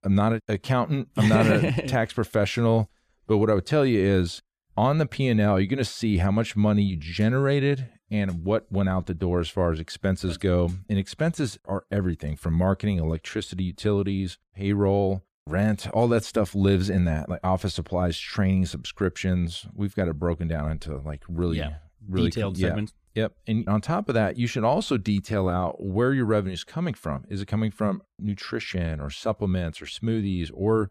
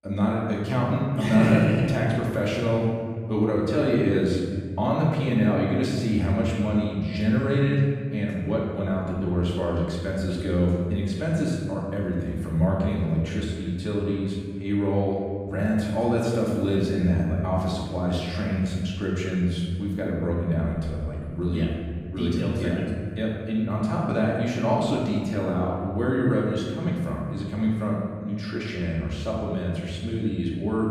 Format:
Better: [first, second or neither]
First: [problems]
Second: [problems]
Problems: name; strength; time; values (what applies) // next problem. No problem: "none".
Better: first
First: none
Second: off-mic speech; far // room echo; noticeable; dies away in 1.7 s